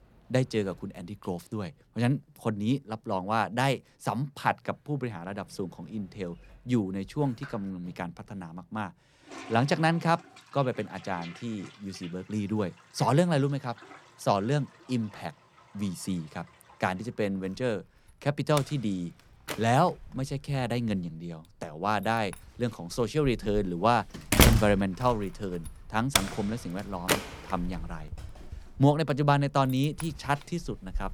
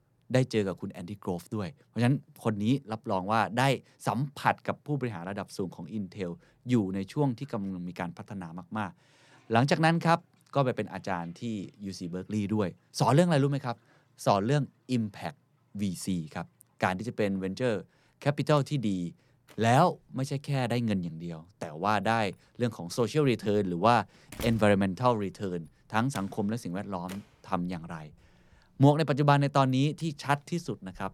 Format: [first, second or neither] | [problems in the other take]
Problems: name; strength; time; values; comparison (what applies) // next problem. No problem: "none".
second | household noises; loud; throughout; 2 dB below the speech; faint in the second